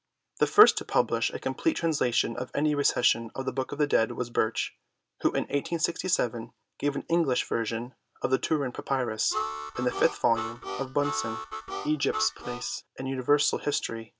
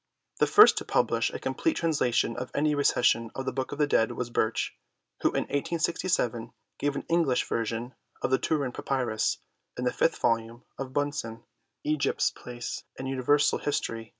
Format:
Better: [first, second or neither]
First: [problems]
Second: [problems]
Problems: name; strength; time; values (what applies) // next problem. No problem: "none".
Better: second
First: background sound (Harmonica); 7 dB below the speech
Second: none